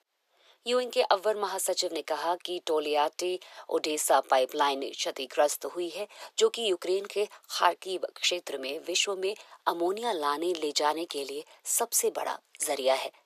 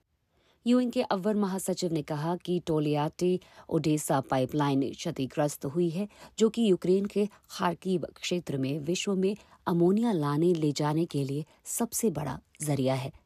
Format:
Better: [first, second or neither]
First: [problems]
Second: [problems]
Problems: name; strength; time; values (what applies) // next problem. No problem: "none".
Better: second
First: thin; very; fading below 450 Hz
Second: none